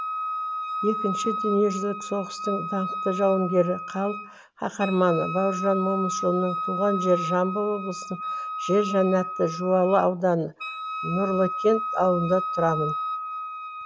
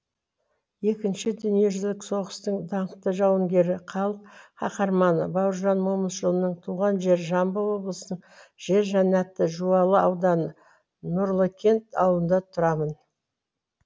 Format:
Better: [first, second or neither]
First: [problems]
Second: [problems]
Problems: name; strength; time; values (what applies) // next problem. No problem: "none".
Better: second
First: background sound (Wind instrument, woodwind instrument); 6 dB below the speech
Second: none